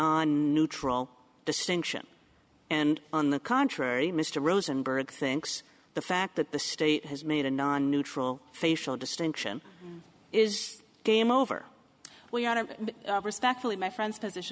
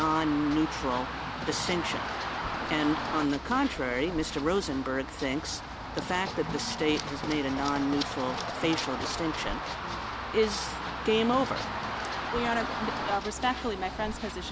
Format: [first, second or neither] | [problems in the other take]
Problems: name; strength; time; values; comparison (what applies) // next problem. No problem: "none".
first | background sound (Run); 4 dB below the speech